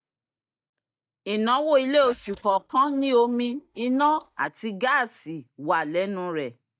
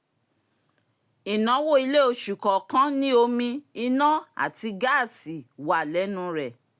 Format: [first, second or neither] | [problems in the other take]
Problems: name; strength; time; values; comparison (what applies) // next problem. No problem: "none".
second | noise reduction (neural mask model DeepFilterNet 3)